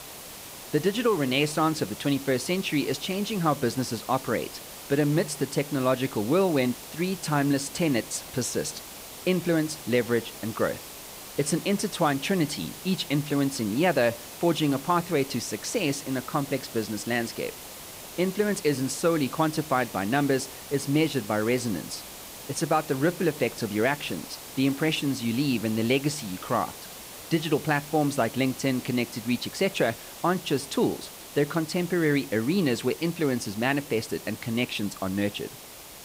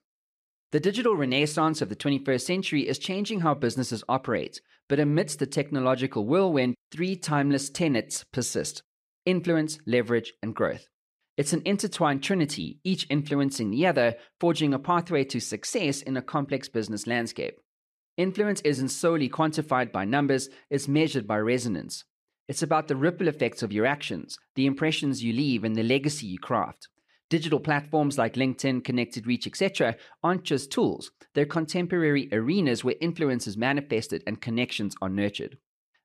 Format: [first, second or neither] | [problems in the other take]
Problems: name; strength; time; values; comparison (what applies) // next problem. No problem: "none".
second | hiss; noticeable; throughout; 15 dB below the speech